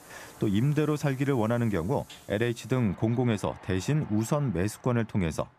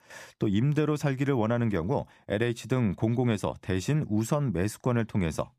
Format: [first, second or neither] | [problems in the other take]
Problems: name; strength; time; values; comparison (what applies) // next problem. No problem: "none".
second | train or aircraft noise; faint; throughout; 20 dB below the speech